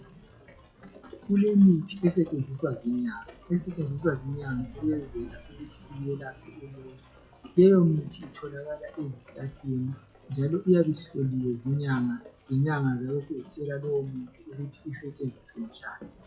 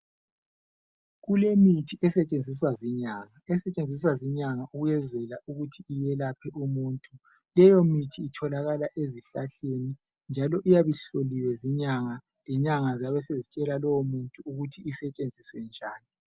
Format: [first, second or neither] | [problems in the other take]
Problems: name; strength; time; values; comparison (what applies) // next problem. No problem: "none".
second | noise reduction (classical method WPE with log-MMSE)